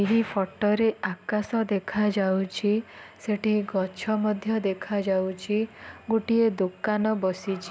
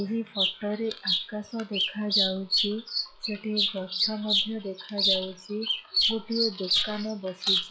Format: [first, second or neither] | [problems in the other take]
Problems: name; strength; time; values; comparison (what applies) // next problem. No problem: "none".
first | noise reduction (classical method log-MMSE)